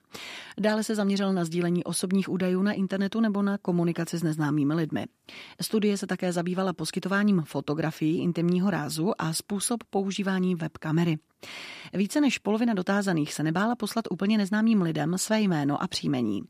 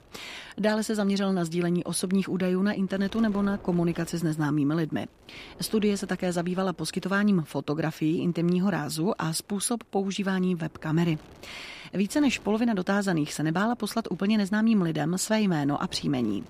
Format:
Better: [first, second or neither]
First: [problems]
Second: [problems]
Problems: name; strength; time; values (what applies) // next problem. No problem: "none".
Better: first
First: none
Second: wind noise on the microphone; occasional gusts; 25 dB below the speech